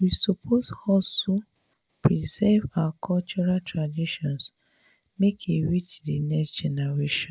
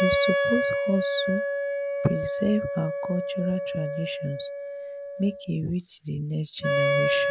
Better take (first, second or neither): first